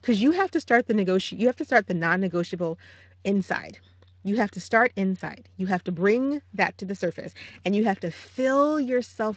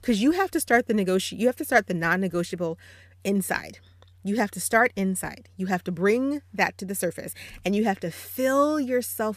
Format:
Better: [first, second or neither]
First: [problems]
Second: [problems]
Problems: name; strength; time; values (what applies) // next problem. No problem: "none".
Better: second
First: garbled, watery; slightly; nothing above 8 kHz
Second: none